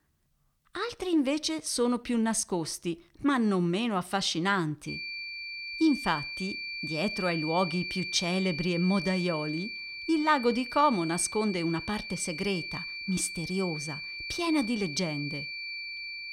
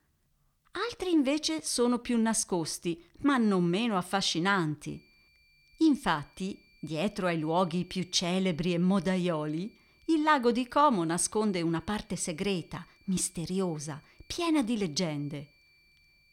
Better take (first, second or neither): second